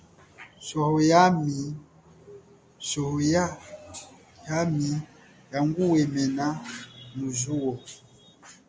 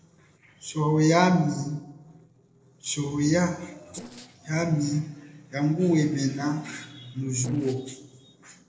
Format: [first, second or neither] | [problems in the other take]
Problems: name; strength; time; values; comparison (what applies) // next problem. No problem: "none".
first | noise reduction (neural separator model SepFormer DNS4)